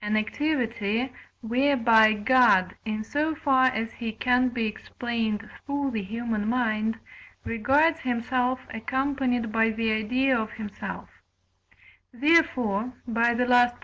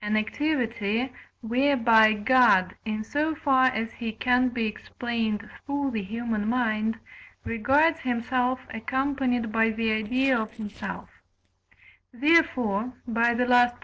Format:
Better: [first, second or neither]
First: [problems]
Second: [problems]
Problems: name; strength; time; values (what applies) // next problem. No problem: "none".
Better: first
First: none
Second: noise reduction (neural separator model SepFormer DNS4)